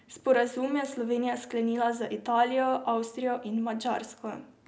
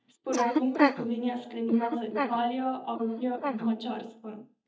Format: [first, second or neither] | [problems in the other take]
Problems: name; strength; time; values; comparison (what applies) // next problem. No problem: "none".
first | noise reduction (neural mask model DeepFilterNet 3)